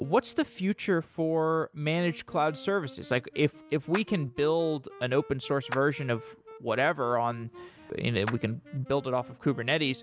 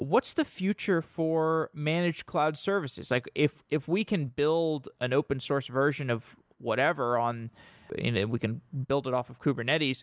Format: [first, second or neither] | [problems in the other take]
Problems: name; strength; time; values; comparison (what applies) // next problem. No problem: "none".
second | background sound (Wind instrument, woodwind instrument + Clapping); 17 dB below the speech